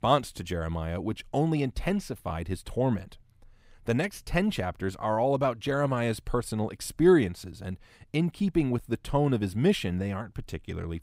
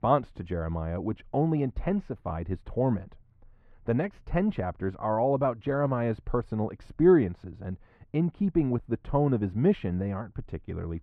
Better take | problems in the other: first | muffled; very; fading above 4 kHz

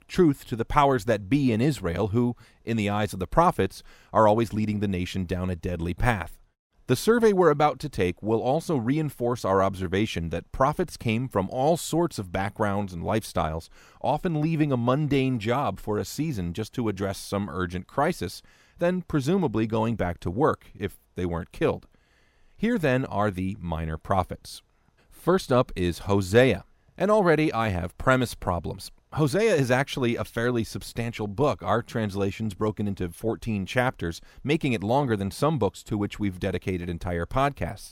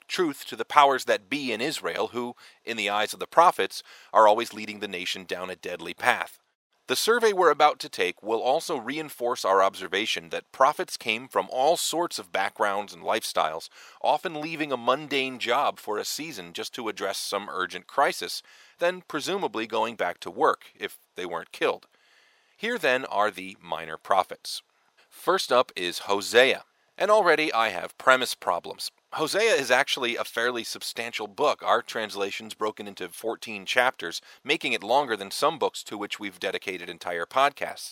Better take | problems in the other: first | thin; very; fading below 550 Hz

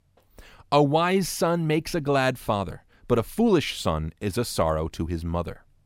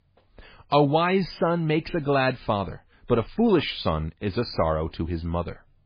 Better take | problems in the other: first | garbled, watery; badly; nothing above 4 kHz

